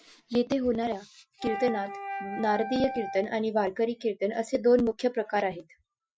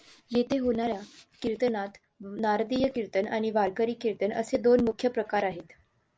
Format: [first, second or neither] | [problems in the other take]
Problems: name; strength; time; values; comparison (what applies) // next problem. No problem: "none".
second | noise reduction (classical method Wiener filter)